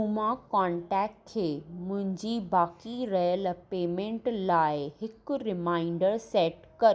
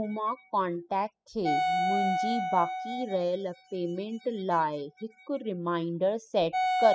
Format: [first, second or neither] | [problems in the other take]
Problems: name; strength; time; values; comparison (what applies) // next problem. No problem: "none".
first | noise reduction (classical method spectral subtraction)